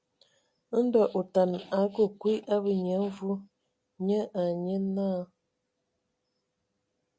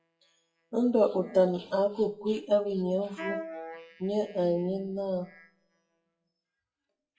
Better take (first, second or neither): first